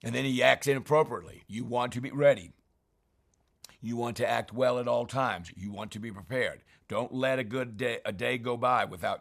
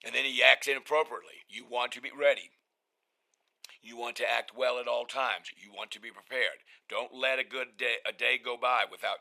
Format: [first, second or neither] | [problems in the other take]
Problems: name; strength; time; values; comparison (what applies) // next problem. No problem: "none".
first | thin; very; fading below 450 Hz